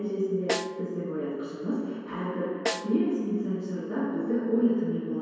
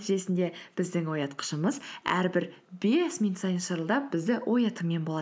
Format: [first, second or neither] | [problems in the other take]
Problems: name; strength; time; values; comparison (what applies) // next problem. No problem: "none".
second | background sound (Snare drum); 10 dB below the speech // room echo; dies away in 2.2 s